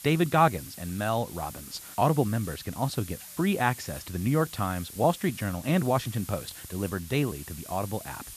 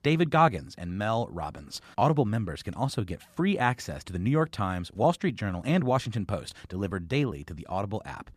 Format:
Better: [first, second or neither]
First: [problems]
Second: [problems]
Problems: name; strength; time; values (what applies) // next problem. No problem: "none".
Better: second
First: hiss; noticeable; throughout; 15 dB below the speech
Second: none